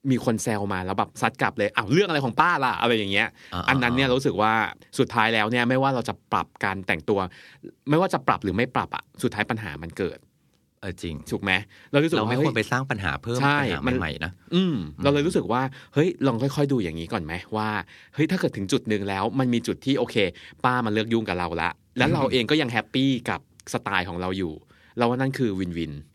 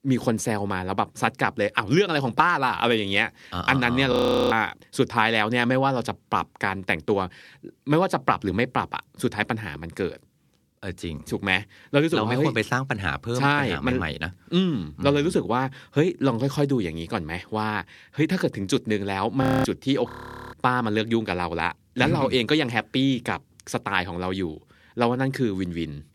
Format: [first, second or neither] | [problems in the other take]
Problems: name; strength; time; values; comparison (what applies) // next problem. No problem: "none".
first | audio freezing; at 4 s, at 19 s and at 20 s